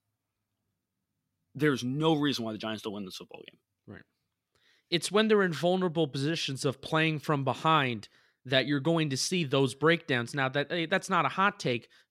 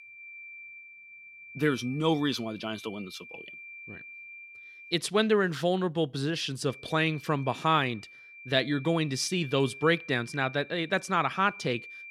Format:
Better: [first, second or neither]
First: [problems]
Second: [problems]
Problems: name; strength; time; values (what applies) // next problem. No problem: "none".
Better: first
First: none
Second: high-pitched whine; noticeable; until 5 s and from 6.5 s on; 2.5 kHz, 15 dB below the speech